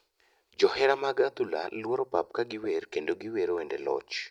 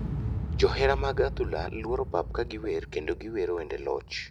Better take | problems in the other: first | background sound (Explosion); 4 dB below the speech

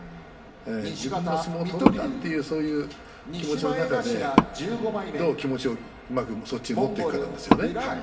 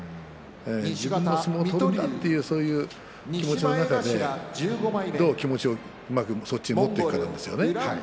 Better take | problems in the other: second | background sound (Wood); 2 dB below the speech // room echo; dies away in 0.4 s

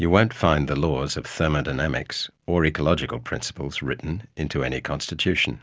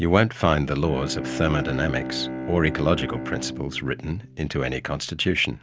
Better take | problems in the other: first | background sound (Bowed string instrument); 9 dB below the speech

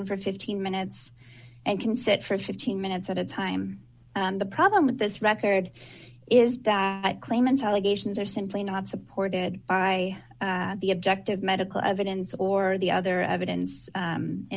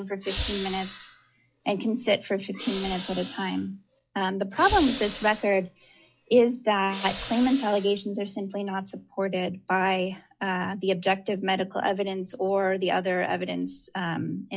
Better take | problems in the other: first | noise reduction (classical method log-MMSE)

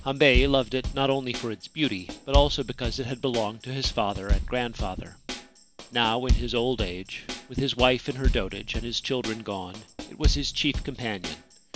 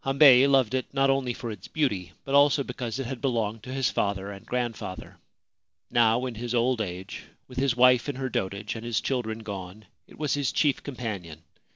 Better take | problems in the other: second | background sound (Drum kit); 3 dB below the speech

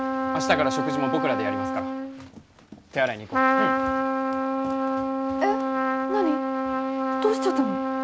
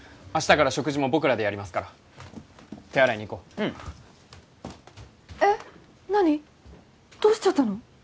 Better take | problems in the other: second | background sound (Trumpet); 4 dB above the speech

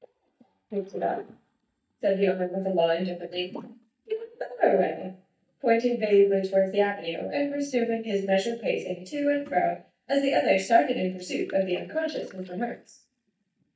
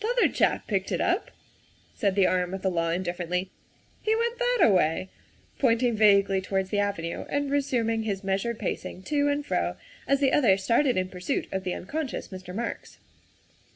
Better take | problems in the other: second | noise reduction (neural mask model DeepFilterNet 3)

